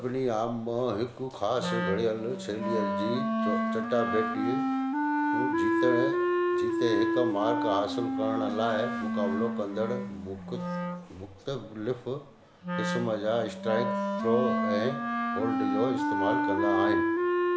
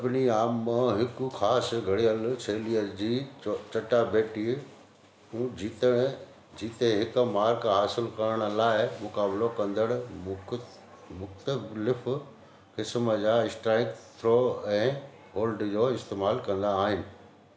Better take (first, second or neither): second